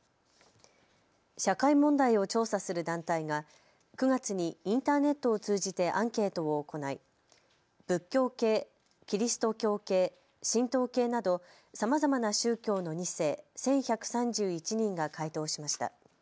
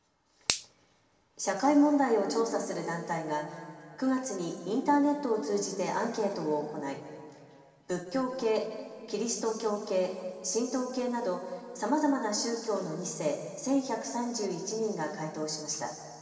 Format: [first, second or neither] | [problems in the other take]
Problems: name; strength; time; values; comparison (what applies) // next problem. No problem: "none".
first | background sound (Finger snapping); 7 dB below the speech // room echo; dies away in 2.5 s